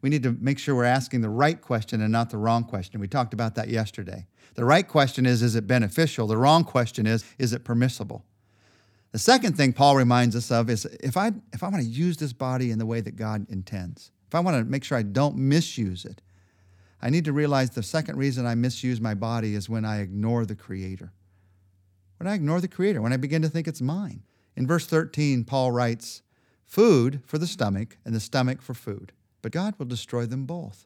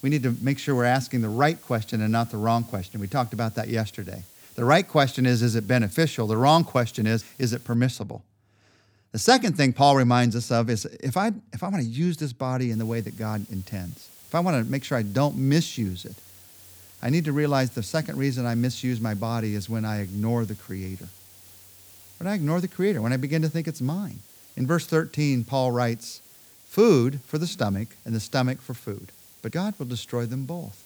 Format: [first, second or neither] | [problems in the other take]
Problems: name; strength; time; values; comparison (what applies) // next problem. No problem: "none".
first | hiss; faint; until 7.5 s and from 13 s on; 20 dB below the speech